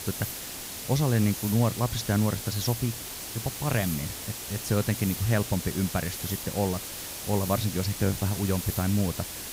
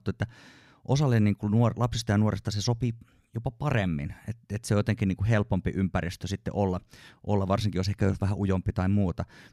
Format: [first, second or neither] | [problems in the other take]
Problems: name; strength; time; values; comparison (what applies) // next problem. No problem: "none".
second | hiss; loud; throughout; 6 dB below the speech